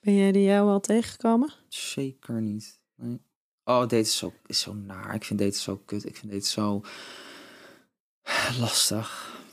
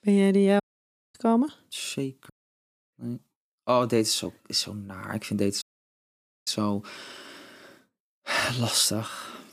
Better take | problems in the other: first | audio cutting out; at 0.5 s for 0.5 s, at 2.5 s for 0.5 s and at 5.5 s for 1 s

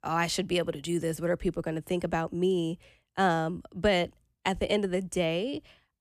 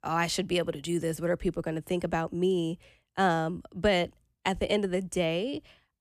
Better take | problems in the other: neither | none

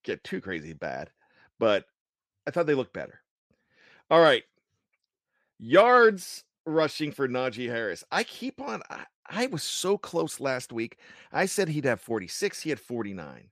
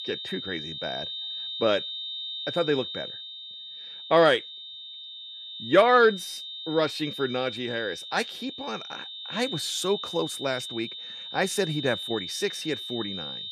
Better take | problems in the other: first | high-pitched whine; loud; throughout; 3.5 kHz, 8 dB below the speech

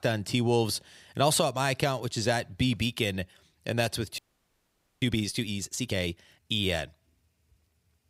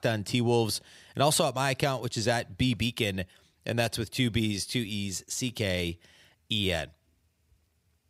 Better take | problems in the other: second | audio freezing; at 4 s for 1 s

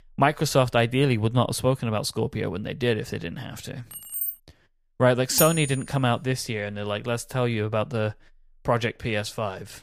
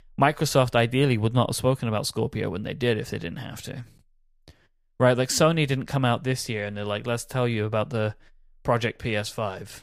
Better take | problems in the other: second | jangling keys; noticeable; at 4 s; peak 3 dB below the speech // clattering dishes; loud; at 5.5 s; peak level with the speech

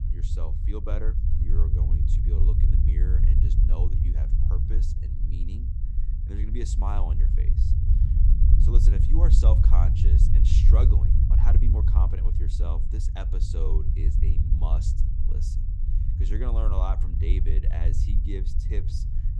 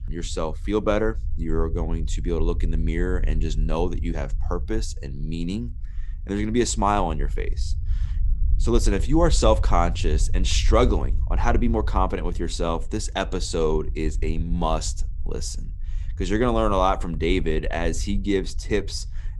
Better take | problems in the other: second | low rumble; loud; throughout; 1 dB below the speech; faint in the second

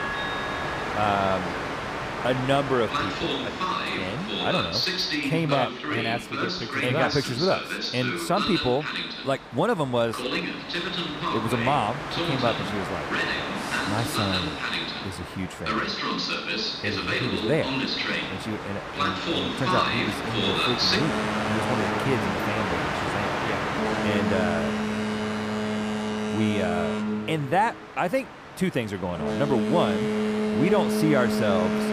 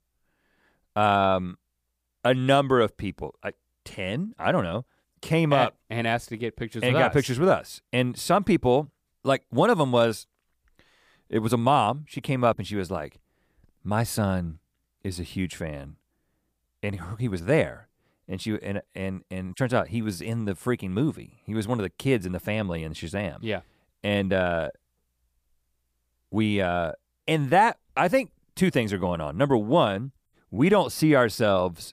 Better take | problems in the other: second | train or aircraft noise; very loud; throughout; 1 dB above the speech

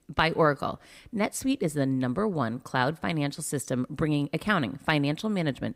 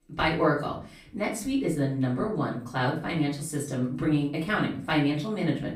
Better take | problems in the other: first | room echo; slight; dies away in 0.4 s // off-mic speech; far

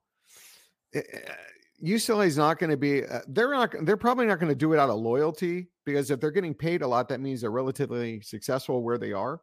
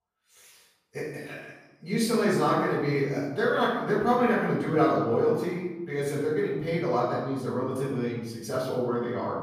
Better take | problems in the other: first | off-mic speech; far // room echo; noticeable; dies away in 1 s

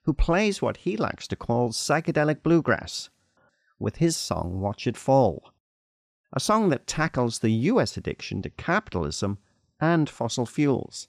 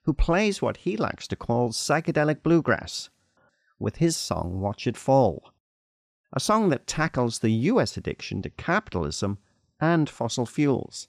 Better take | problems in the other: neither | none

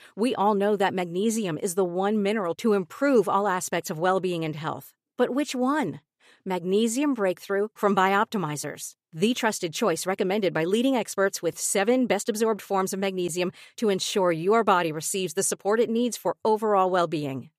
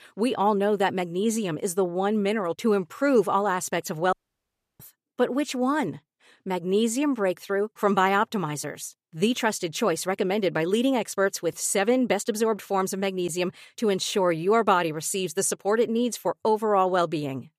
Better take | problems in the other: first | audio cutting out; at 4 s for 0.5 s

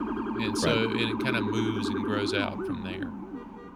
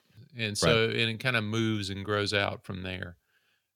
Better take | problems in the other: second | siren; loud; peak 1 dB above the speech

